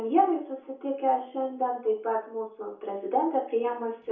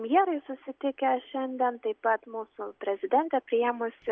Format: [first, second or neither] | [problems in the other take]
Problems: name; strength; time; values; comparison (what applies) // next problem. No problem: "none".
second | room echo; dies away in 0.6 s